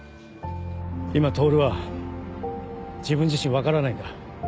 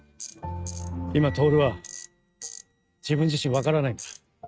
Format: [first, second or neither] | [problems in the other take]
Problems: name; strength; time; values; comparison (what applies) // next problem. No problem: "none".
first | noise reduction (neural mask model RNNoise)